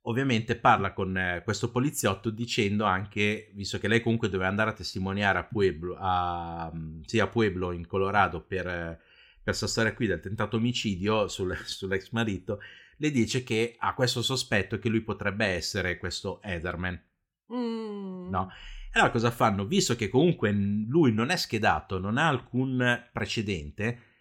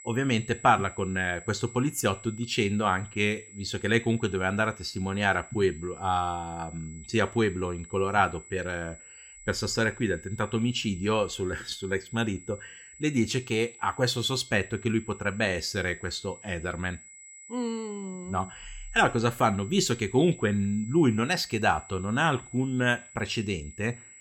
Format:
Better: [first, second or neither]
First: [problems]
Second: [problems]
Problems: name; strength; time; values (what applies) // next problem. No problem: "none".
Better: first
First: none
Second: high-pitched whine; noticeable; throughout; 8 kHz, 20 dB below the speech